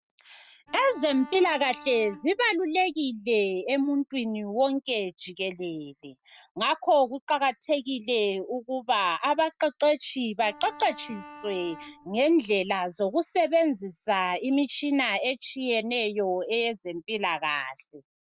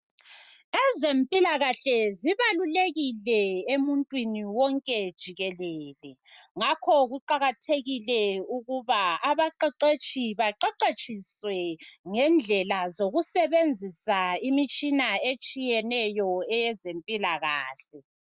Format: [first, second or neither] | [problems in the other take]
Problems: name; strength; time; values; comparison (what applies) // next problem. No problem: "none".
second | background sound (Bowed string instrument); 19 dB below the speech